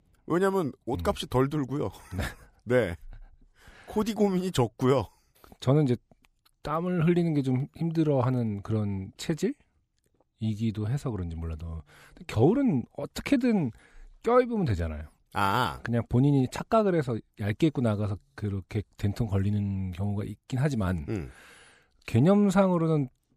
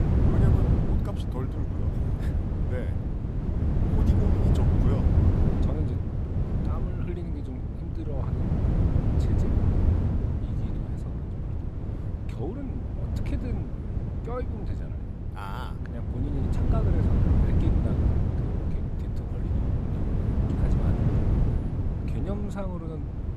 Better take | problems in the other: first | wind noise on the microphone; heavy; 5 dB above the speech

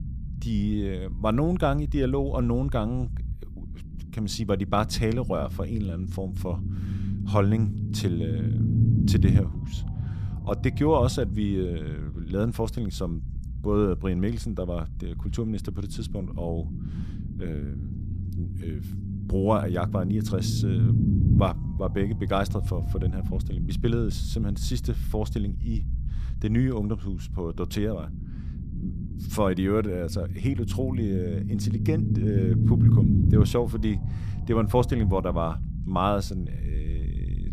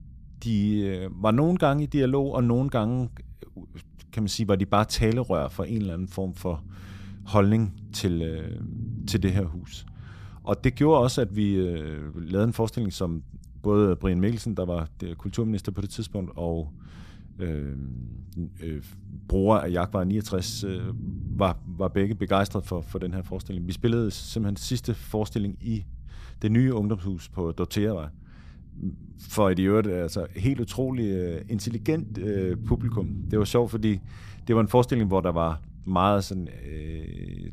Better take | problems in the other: second | low rumble; loud; throughout; 9 dB below the speech; faint in the second

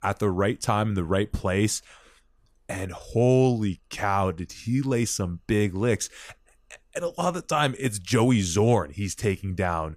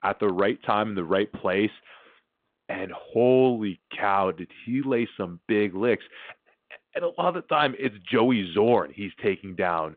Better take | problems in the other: first | phone-call audio

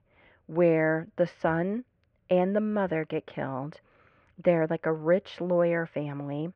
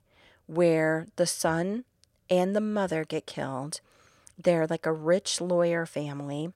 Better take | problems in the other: second | muffled; very; fading above 2.5 kHz

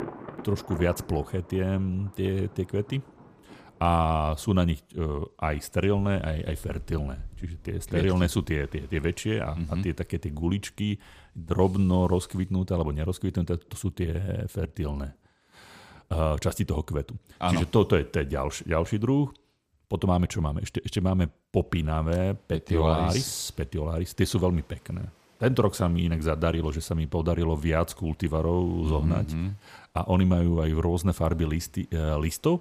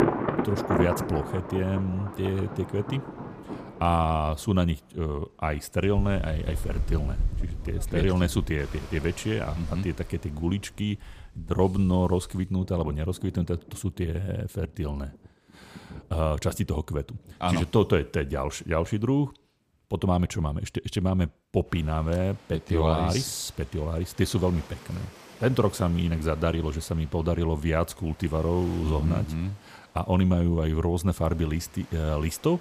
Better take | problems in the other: first | rain or running water; loud; throughout; 9 dB below the speech; faint in the first

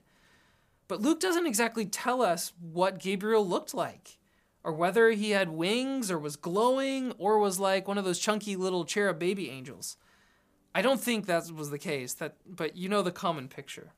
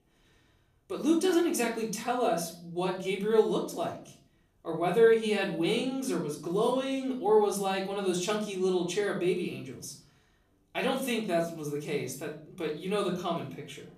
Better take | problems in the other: first | off-mic speech; somewhat distant // room echo; slight; dies away in 0.5 s

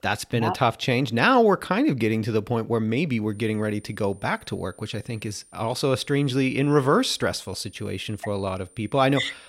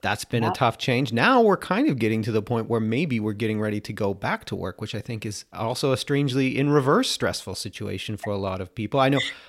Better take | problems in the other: second | high-pitched whine; faint; from 3.5 s on; 9 kHz, 30 dB below the speech

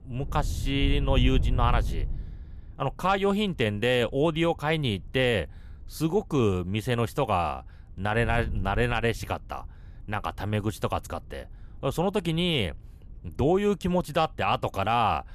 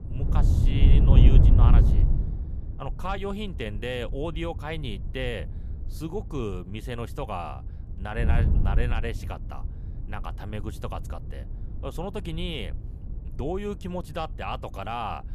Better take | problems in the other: first | wind noise on the microphone; heavy; 3 dB below the speech; occasional gusts in the first

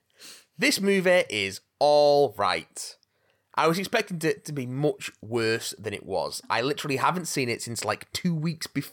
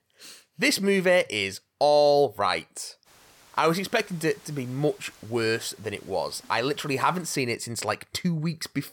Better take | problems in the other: first | hiss; faint; from 3 to 7.5 s; 25 dB below the speech

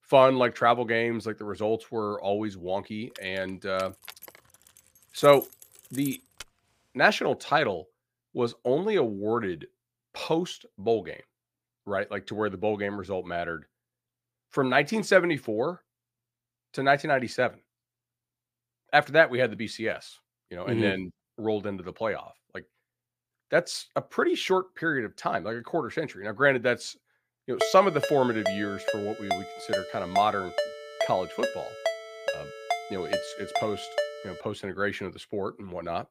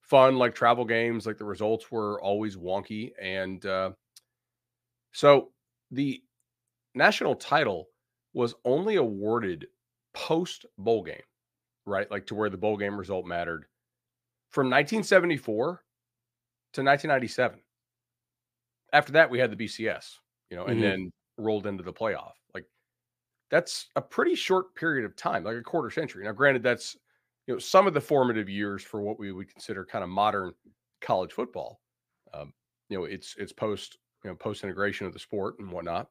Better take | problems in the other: second | jangling keys; faint; from 3 to 6.5 s; peak 10 dB below the speech // phone ringing; noticeable; from 28 to 34 s; peak 3 dB below the speech

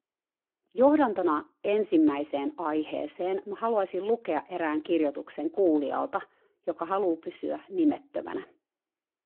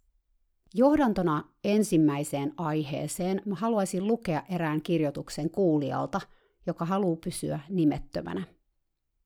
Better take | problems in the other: second | phone-call audio

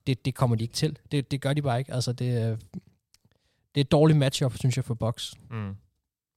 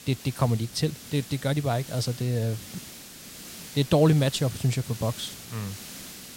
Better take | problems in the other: first | hiss; noticeable; throughout; 15 dB below the speech

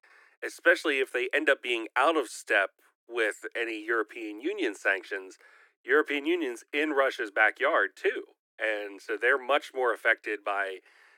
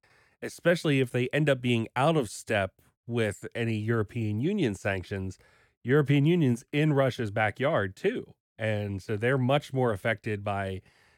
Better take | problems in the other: second | thin; very; fading below 300 Hz

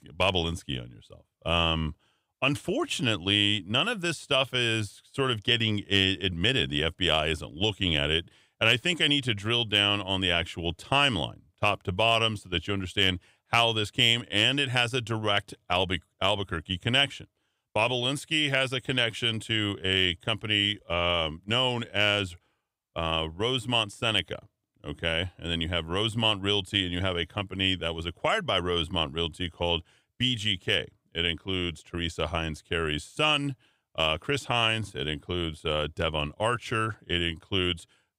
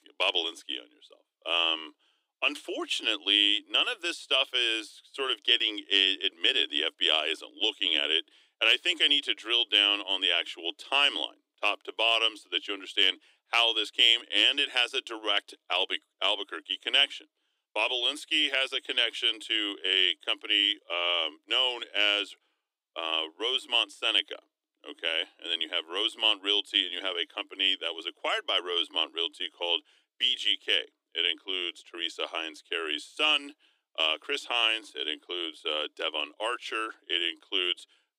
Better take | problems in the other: first | thin; somewhat; fading below 300 Hz

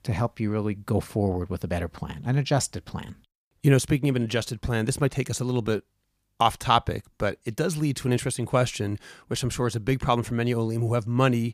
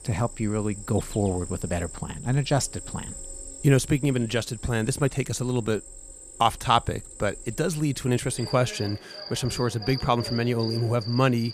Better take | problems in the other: first | animal sounds; noticeable; throughout; 15 dB below the speech

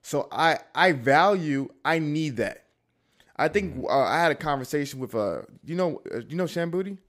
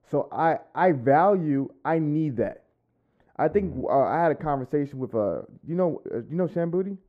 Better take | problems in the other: first | muffled; very; fading above 2 kHz

